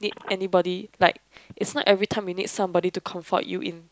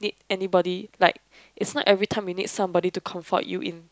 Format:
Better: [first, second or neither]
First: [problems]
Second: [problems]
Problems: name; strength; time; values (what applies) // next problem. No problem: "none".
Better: second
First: background sound (Telephone); 20 dB below the speech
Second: none